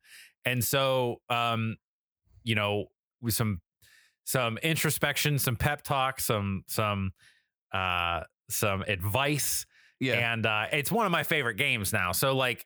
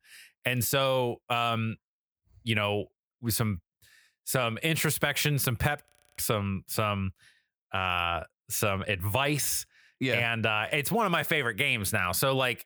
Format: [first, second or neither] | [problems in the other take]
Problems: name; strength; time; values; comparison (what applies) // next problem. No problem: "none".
first | audio freezing; at 6 s